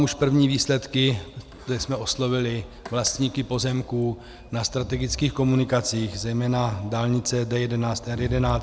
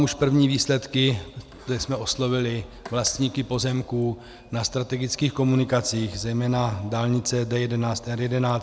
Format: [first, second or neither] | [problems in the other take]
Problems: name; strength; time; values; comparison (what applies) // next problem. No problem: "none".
second | background sound (Crowd); 16 dB below the speech